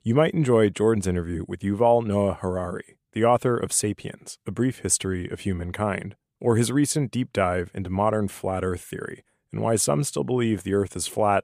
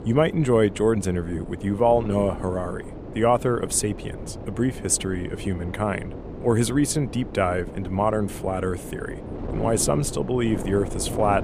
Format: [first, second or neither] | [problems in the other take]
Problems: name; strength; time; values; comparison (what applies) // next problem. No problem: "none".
first | wind noise on the microphone; occasional gusts; 15 dB below the speech